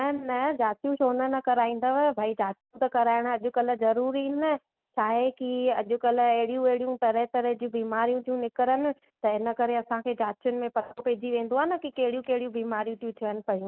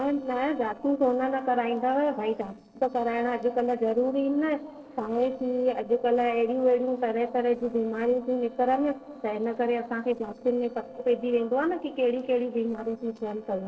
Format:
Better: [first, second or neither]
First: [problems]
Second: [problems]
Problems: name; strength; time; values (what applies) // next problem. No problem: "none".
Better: first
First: none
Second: noise reduction (neural separator model SepFormer DNS4)